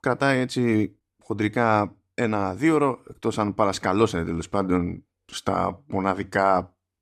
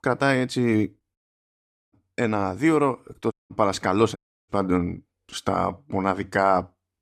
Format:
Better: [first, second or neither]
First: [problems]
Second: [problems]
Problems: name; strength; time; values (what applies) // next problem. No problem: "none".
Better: first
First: none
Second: audio cutting out; at 1 s for 1 s, at 3.5 s and at 4 s